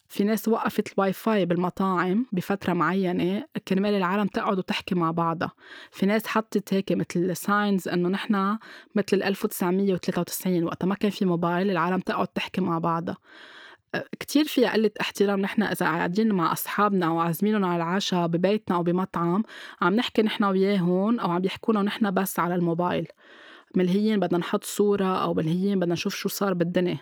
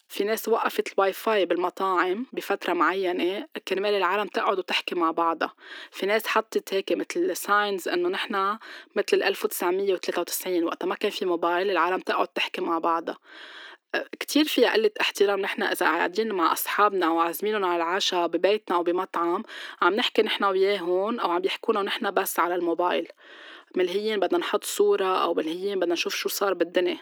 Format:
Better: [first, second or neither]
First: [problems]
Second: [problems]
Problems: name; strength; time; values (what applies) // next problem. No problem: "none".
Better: first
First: none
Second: thin; somewhat; fading below 300 Hz